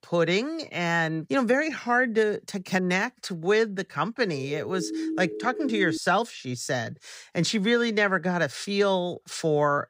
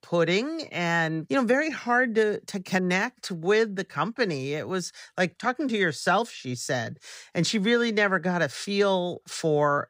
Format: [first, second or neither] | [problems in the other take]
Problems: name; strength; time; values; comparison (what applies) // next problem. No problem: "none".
second | siren; noticeable; from 4.5 to 6 s; peak 5 dB below the speech